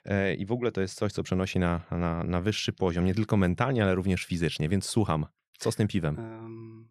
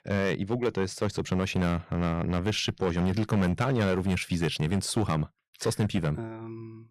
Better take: first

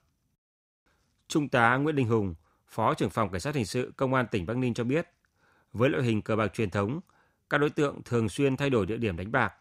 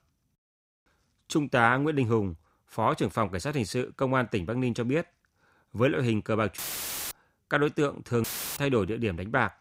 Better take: first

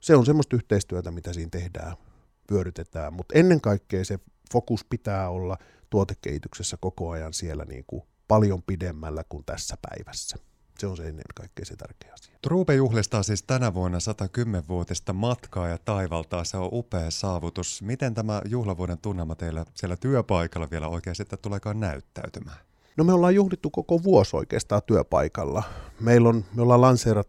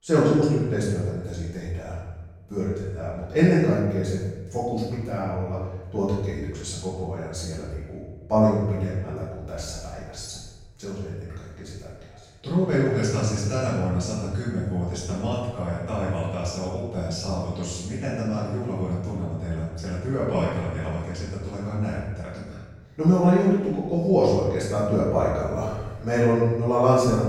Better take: first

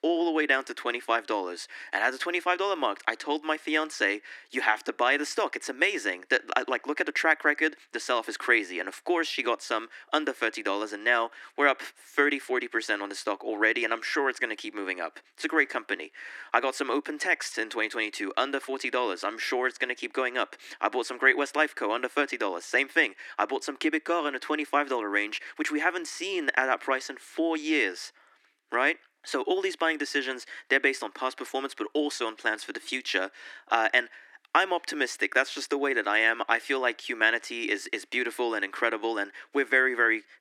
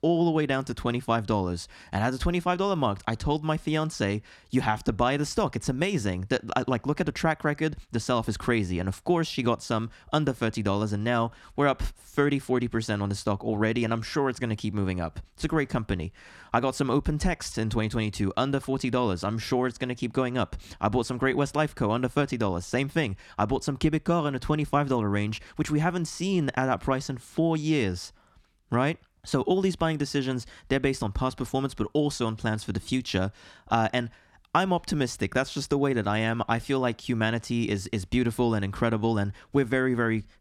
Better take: second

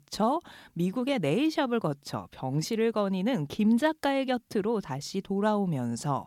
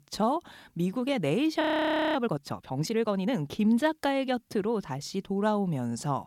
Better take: first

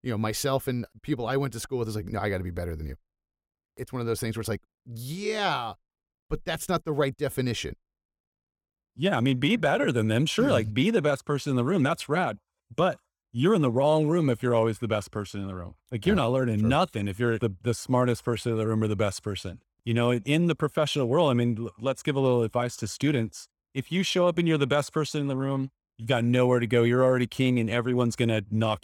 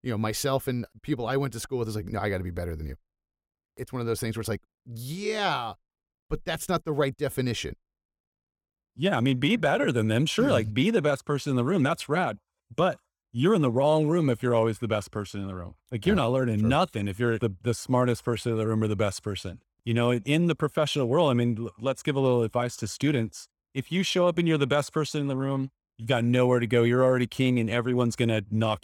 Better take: neither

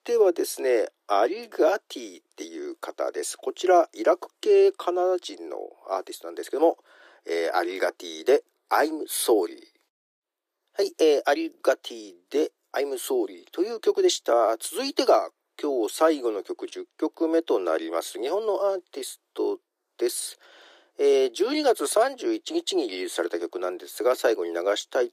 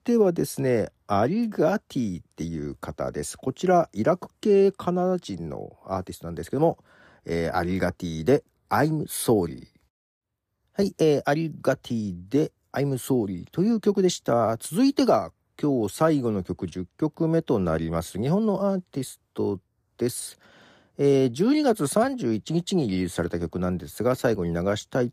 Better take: second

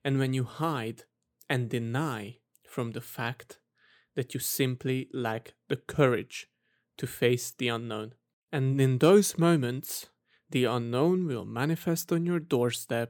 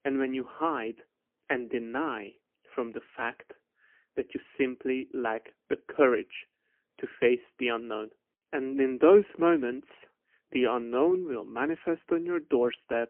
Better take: first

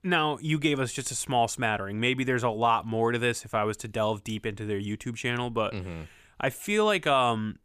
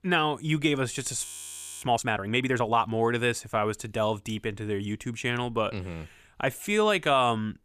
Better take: first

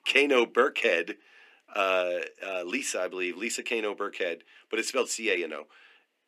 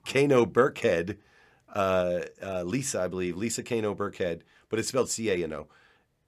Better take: second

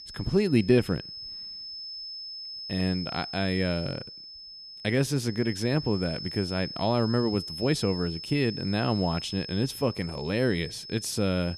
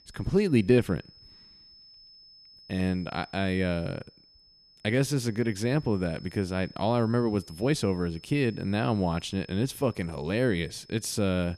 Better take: second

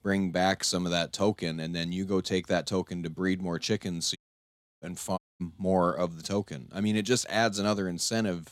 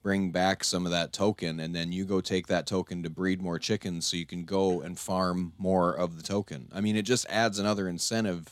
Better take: second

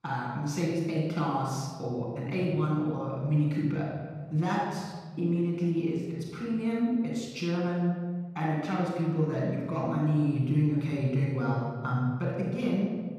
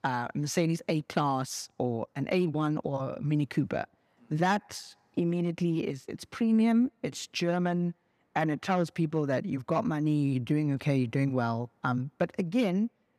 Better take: second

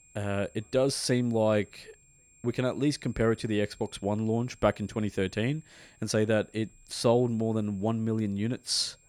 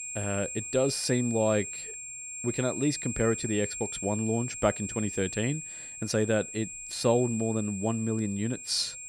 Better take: first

